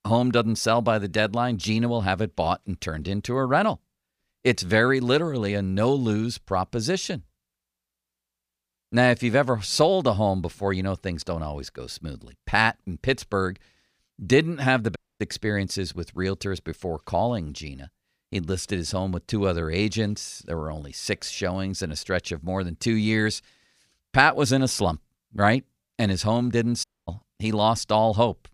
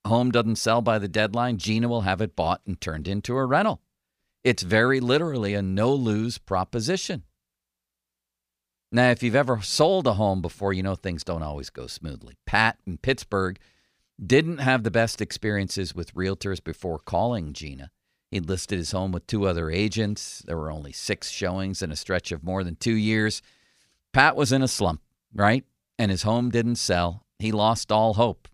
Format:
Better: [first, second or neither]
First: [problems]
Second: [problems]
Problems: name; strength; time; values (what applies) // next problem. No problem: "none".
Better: second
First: audio cutting out; at 15 s and at 27 s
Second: none